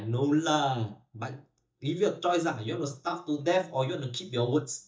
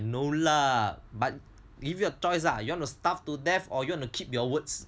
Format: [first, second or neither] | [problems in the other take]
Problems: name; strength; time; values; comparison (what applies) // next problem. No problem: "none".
second | noise reduction (neural mask model DeepFilterNet 3)